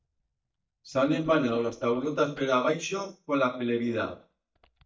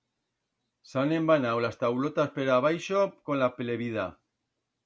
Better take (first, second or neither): second